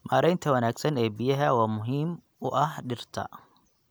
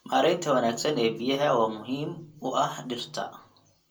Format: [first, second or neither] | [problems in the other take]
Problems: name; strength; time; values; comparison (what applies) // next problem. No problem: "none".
first | room echo; dies away in 0.2 s